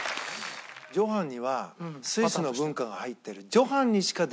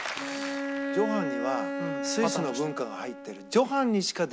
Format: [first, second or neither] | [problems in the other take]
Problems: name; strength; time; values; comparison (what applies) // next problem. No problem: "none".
first | background sound (Bowed string instrument); 5 dB below the speech